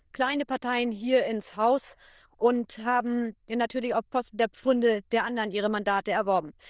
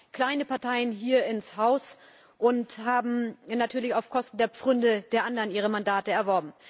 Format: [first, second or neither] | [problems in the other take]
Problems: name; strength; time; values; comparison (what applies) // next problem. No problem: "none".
second | noise reduction (neural diffusion model UNIVERSE++)